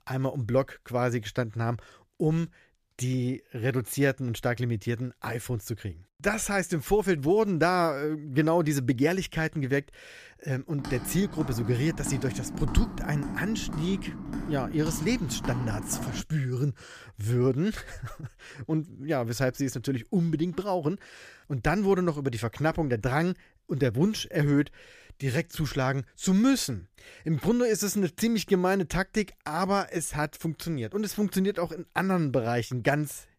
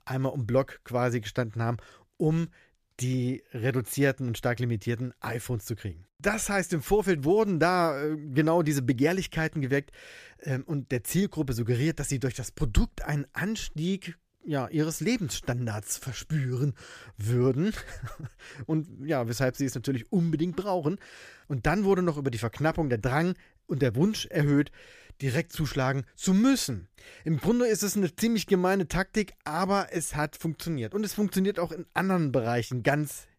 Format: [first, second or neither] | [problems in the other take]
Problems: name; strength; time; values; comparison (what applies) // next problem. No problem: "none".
second | footsteps; noticeable; from 11 to 16 s; peak 7 dB below the speech